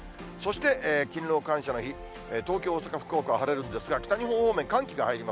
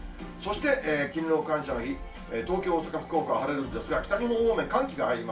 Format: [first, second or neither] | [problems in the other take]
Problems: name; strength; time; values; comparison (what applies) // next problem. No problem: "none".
first | room echo; dies away in 0.2 s